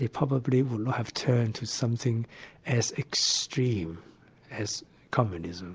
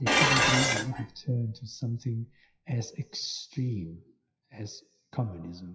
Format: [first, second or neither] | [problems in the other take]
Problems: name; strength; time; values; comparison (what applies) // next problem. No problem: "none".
first | noise reduction (classical method WPE with log-MMSE)